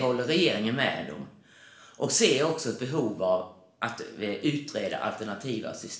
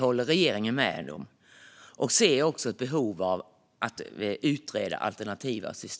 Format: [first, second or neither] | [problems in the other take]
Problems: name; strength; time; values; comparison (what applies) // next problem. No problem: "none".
second | room echo; dies away in 0.7 s